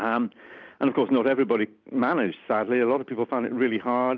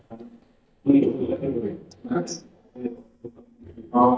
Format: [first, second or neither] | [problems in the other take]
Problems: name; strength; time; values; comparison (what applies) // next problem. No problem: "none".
first | noise reduction (neural mask model DeepFilterNet 3)